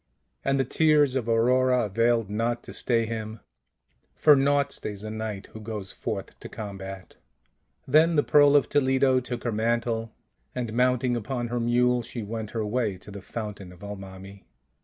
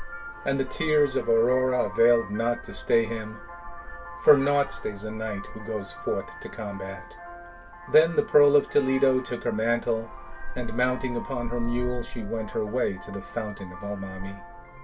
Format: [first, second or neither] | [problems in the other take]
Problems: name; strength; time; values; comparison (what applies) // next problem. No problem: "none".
first | background sound (Vehicle horn, car horn, honking); 10 dB below the speech // room echo; dies away in 0.1 s